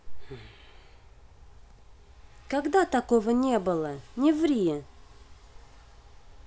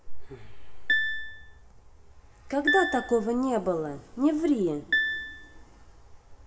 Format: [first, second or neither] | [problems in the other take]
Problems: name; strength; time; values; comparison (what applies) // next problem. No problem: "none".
first | background sound (Piano); 1 dB below the speech // room echo; dies away in 2.4 s